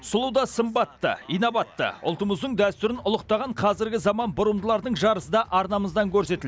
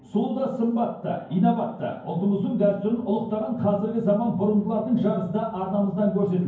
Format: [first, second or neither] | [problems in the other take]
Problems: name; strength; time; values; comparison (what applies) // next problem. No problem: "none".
first | room echo; dies away in 0.9 s